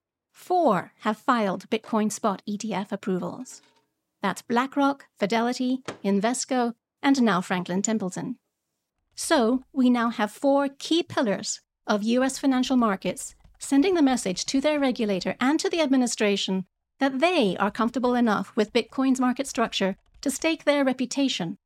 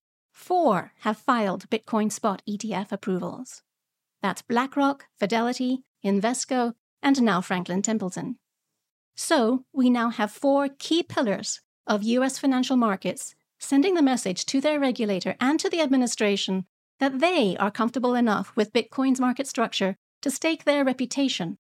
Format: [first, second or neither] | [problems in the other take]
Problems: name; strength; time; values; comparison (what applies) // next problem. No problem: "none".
second | household noises; faint; throughout; 30 dB below the speech